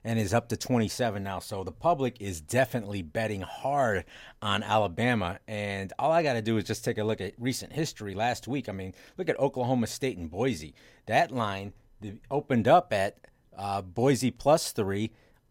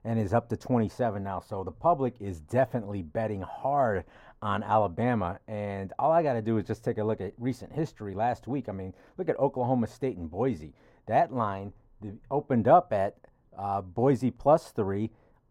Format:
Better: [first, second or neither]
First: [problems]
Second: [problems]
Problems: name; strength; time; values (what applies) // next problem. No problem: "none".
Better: first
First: none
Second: muffled; very; fading above 1.5 kHz